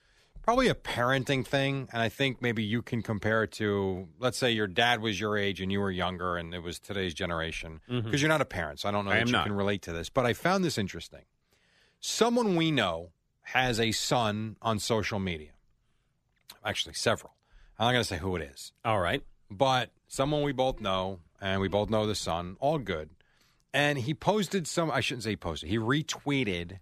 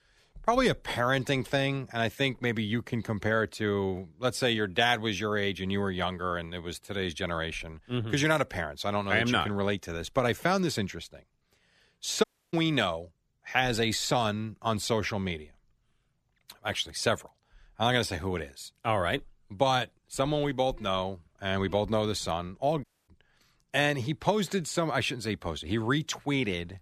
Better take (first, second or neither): first